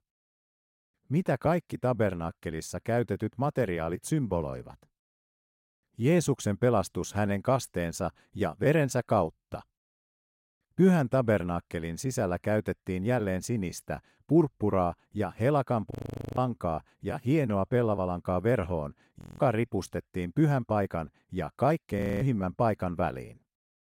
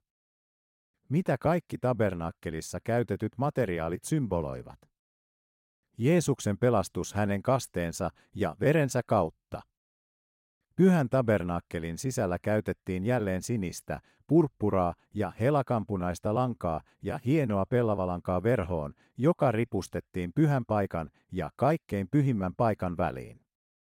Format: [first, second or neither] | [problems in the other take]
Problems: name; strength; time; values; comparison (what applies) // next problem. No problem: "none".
second | audio freezing; at 16 s, at 19 s and at 22 s